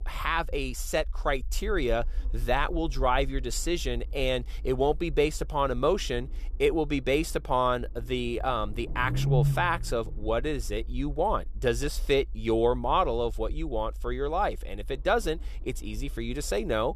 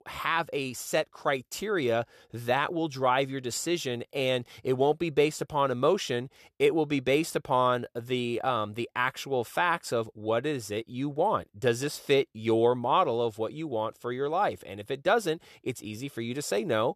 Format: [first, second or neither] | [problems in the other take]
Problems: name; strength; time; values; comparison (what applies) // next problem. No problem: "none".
second | low rumble; noticeable; throughout; 20 dB below the speech